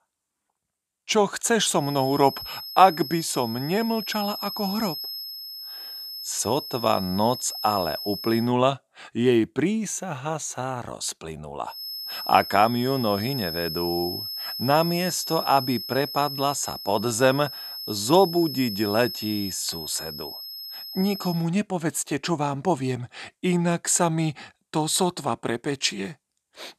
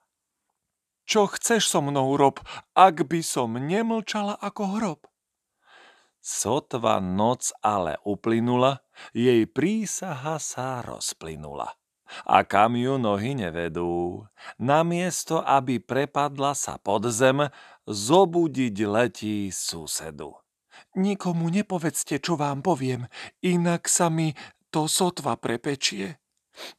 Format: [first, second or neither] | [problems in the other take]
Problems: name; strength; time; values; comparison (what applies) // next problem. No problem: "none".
second | high-pitched whine; loud; from 2 to 8.5 s and from 12 to 21 s; 5 kHz, 8 dB below the speech